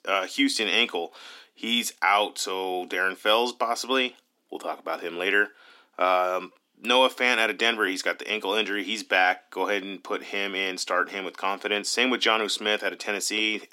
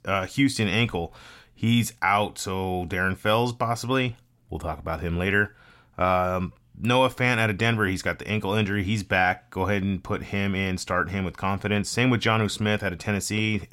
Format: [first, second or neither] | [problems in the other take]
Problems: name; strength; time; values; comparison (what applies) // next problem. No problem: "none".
second | thin; somewhat; fading below 250 Hz